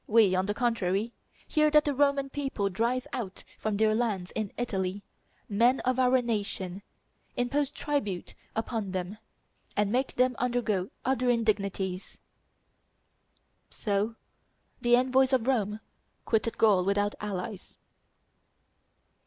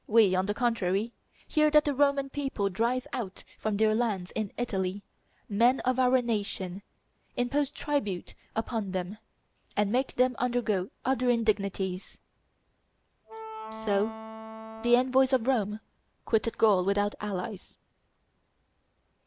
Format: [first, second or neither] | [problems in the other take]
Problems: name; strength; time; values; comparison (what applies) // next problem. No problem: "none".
first | background sound (Wind instrument, woodwind instrument); 12 dB below the speech